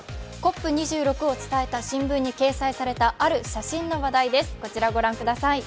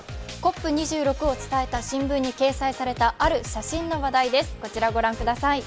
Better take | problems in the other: first | background sound (Tambourine / Drum / Drum kit); 16 dB below the speech

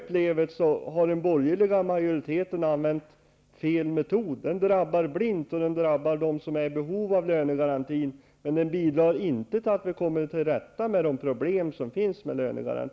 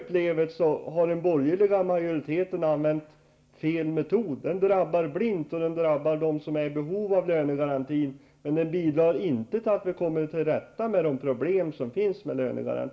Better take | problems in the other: first | room echo; dies away in 0.3 s

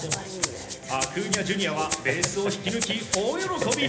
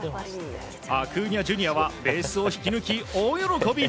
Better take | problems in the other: second | background sound (Rattle (instrument)); 5 dB below the speech // room echo; dies away in 0.8 s

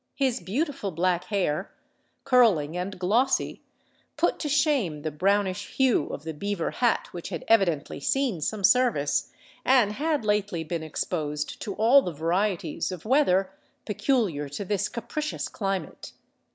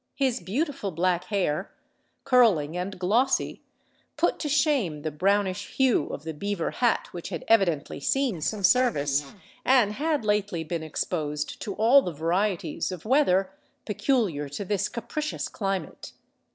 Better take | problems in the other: first | noise reduction (neural separator model SepFormer DNS4)

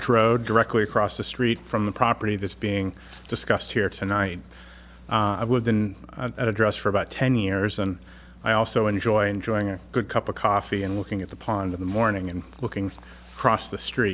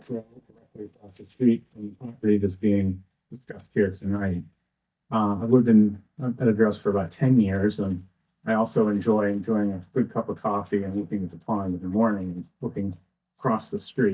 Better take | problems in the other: first | noise reduction (neural mask model DeepFilterNet 3)

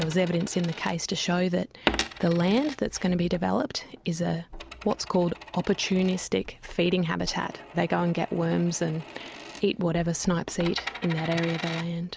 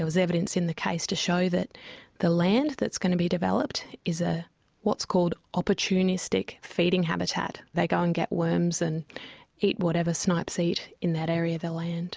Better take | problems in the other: second | background sound (Coin (dropping)); 12 dB below the speech

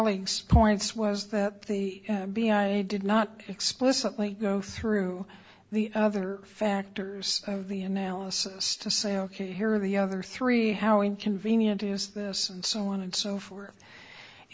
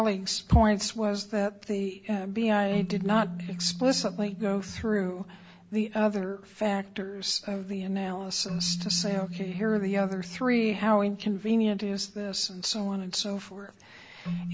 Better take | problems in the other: first | background sound (Keyboard (musical)); 12 dB below the speech

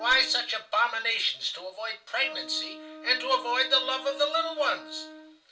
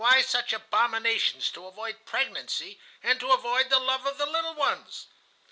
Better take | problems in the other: second | background sound (Wind instrument, woodwind instrument); 18 dB below the speech // room echo; dies away in 0.2 s

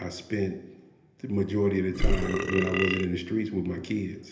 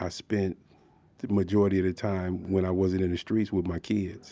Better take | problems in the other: second | background sound (Burping, eructation); 2 dB above the speech // room echo; dies away in 1.4 s

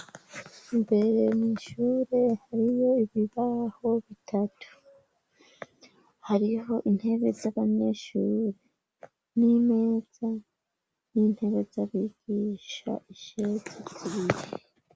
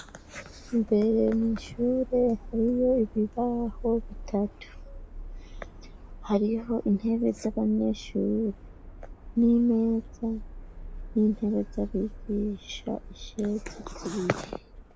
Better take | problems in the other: first | background sound (Subway, metro, underground); 14 dB below the speech

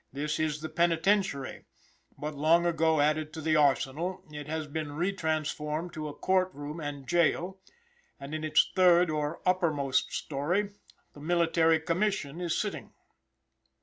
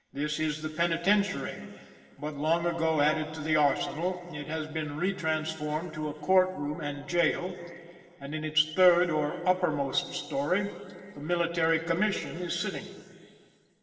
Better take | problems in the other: first | room echo; dies away in 2.7 s

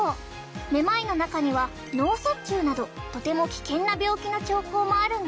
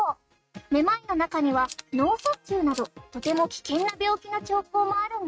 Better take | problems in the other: first | noise reduction (neural mask model RNNoise)

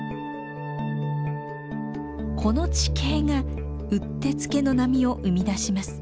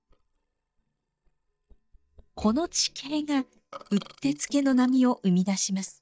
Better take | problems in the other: first | noise reduction (neural mask model DeepFilterNet 3)

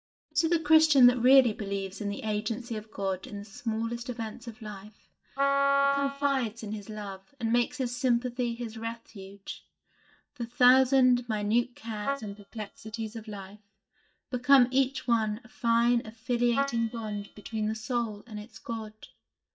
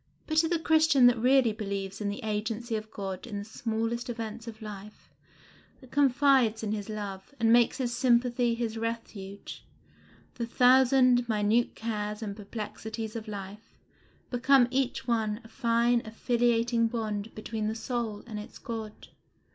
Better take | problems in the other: second | noise reduction (neural mask model DeepFilterNet 3)

